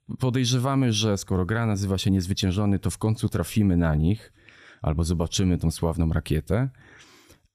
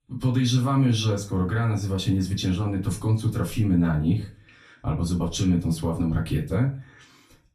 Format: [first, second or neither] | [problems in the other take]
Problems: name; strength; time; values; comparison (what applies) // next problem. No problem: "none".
first | off-mic speech; far // room echo; very slight; dies away in 0.3 s